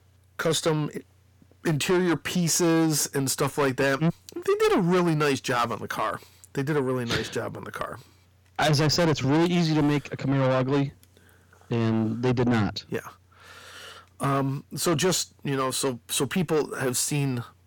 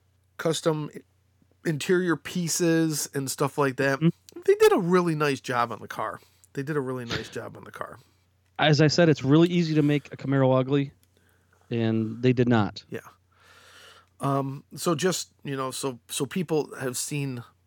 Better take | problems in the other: second | distortion; heavy; 6 dB below the speech

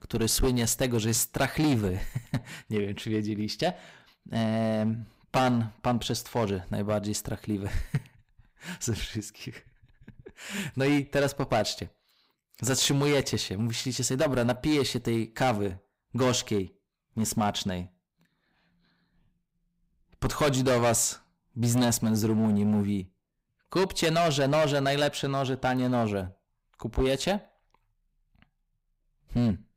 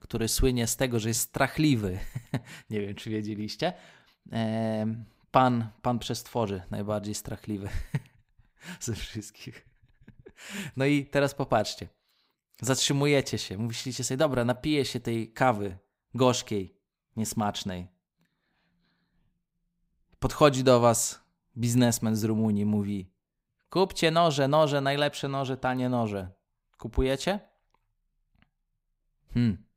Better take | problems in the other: second | distortion; heavy; 7% of the sound clipped

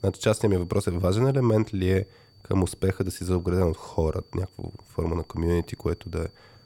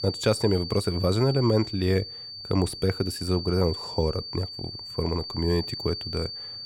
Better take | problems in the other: first | high-pitched whine; loud; throughout; 4.5 kHz, 8 dB below the speech; faint in the first

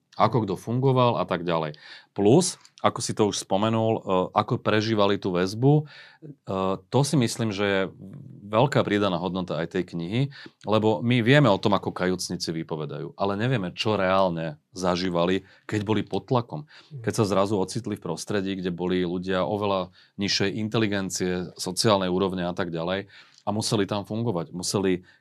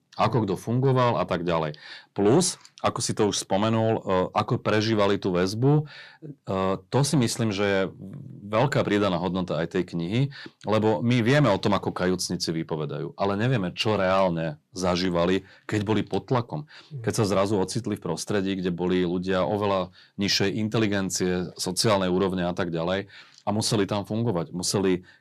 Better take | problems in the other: first | distortion; slight; 10 dB below the speech

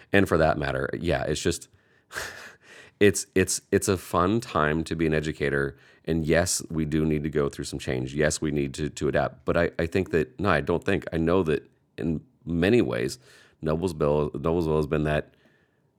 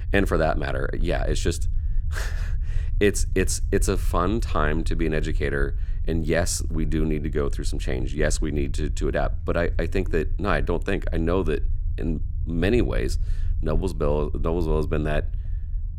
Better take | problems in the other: first | low rumble; faint; throughout; 20 dB below the speech

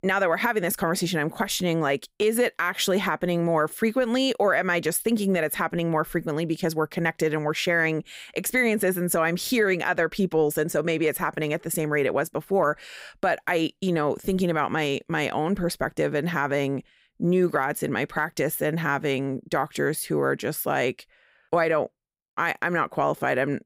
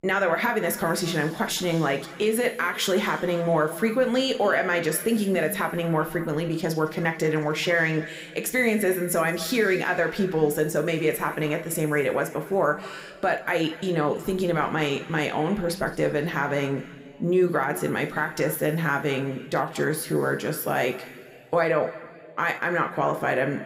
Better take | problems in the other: first | room echo; slight; dies away in 1.8 s

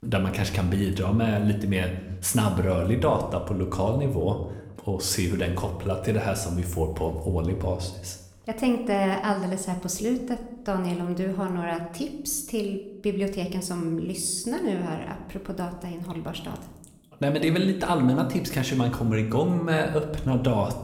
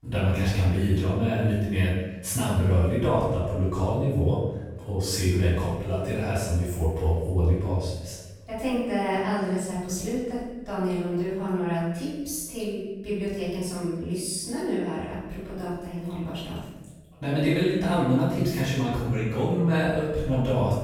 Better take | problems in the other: first | room echo; strong; dies away in 1 s; slight in the first // off-mic speech; far

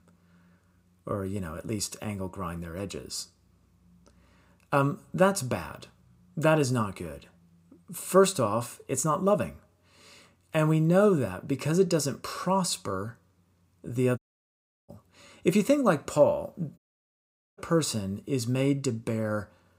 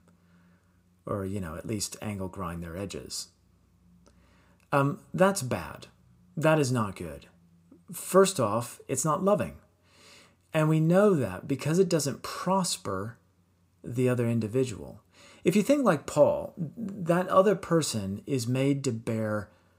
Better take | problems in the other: second | audio cutting out; at 14 s for 0.5 s and at 17 s for 1 s

